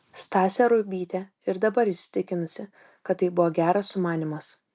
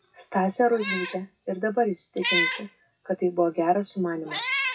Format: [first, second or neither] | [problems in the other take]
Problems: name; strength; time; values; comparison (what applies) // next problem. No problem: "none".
first | noise reduction (classical method WPE with log-MMSE)